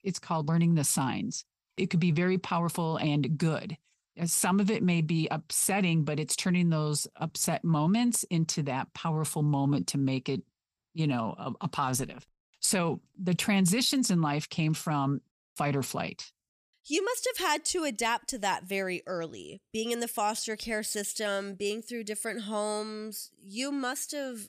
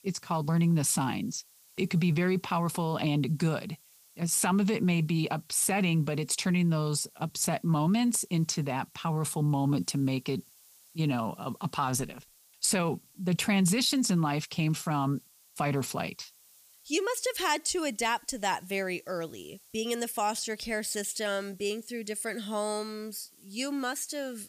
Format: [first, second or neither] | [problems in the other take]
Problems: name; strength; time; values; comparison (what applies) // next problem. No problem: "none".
first | hiss; faint; throughout; 25 dB below the speech